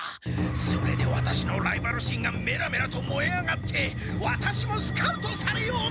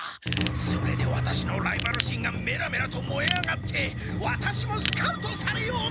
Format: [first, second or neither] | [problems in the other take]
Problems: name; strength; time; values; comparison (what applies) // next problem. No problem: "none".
first | background sound (Ratchet, pawl / Tools); 11 dB below the speech